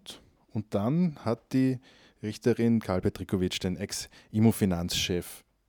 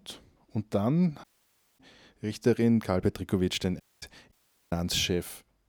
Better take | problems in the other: first | audio cutting out; at 1 s for 0.5 s, at 4 s and at 4.5 s

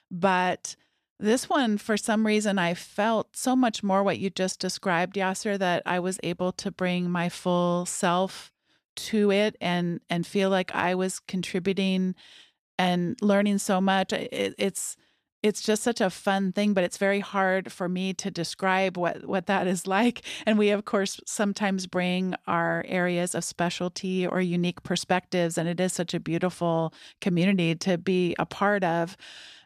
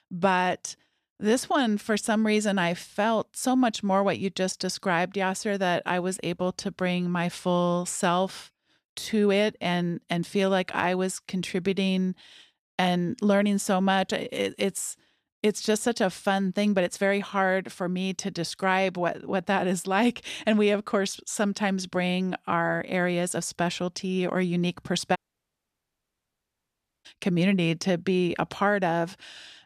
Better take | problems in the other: first | audio cutting out; at 25 s for 2 s

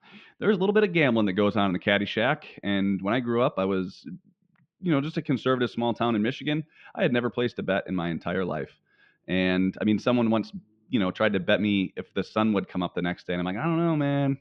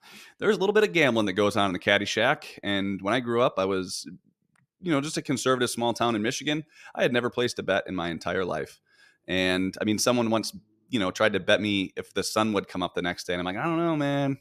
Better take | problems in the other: second | muffled; slightly; fading above 3.5 kHz

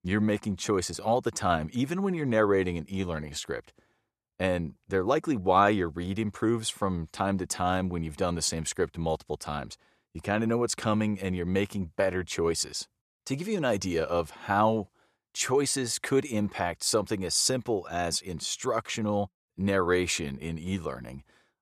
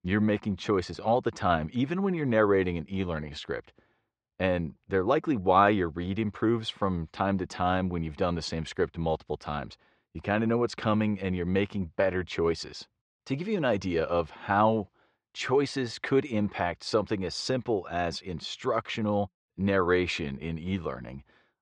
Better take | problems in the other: first | muffled; slightly; fading above 4 kHz

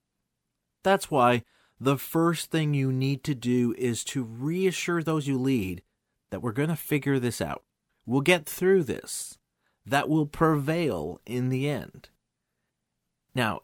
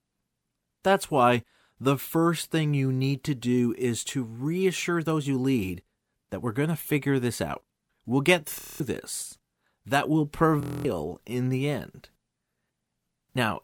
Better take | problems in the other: first | audio freezing; at 8.5 s and at 11 s

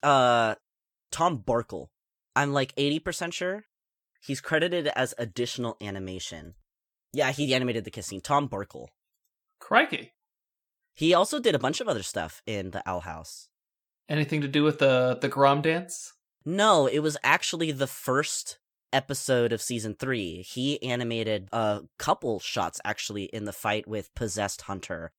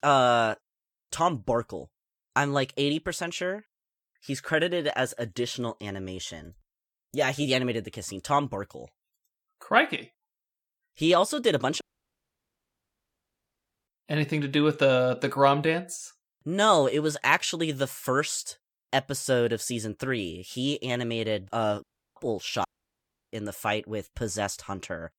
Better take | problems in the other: first | audio cutting out; at 12 s for 2 s, at 22 s and at 23 s for 0.5 s

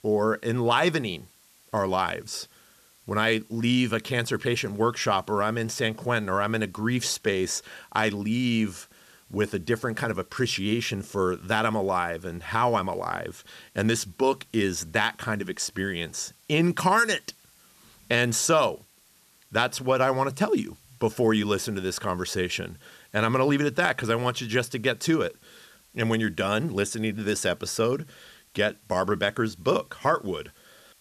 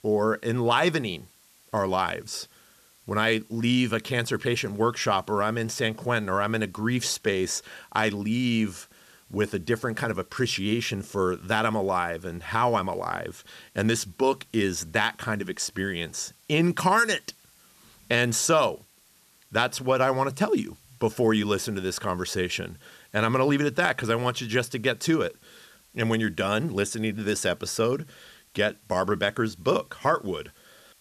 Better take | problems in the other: neither | hiss; faint; throughout; 30 dB below the speech; the same in both

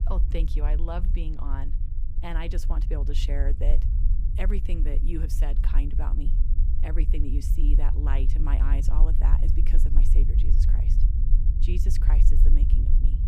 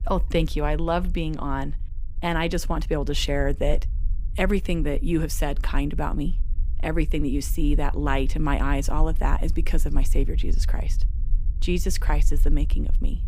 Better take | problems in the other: second | low rumble; loud; throughout; 6 dB below the speech; faint in the second

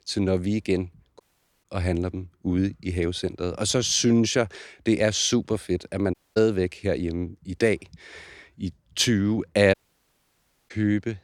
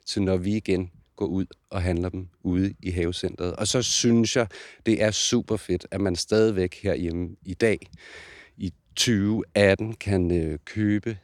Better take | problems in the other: second | audio cutting out; at 1 s, at 6 s and at 9.5 s for 1 s

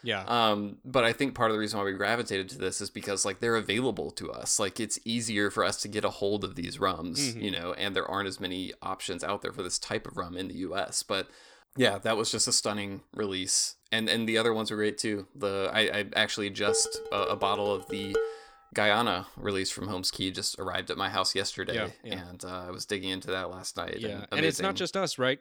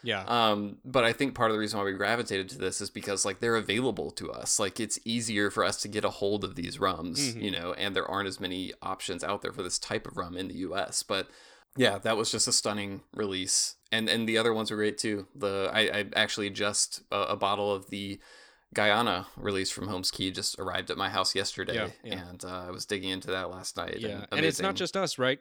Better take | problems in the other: second | clattering dishes; noticeable; from 17 to 18 s; peak 2 dB below the speech

